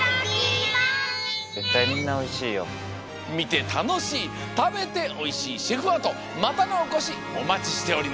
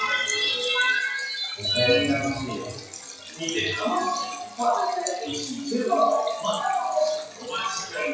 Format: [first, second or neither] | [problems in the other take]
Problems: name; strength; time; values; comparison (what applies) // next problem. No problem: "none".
first | noise reduction (classical method WPE with log-MMSE)